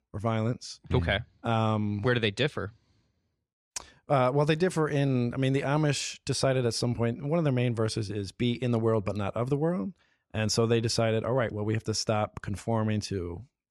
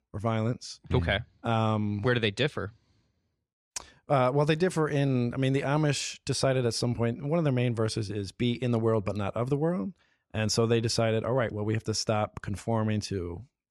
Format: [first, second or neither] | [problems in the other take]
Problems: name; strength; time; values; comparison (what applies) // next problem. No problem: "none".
neither | none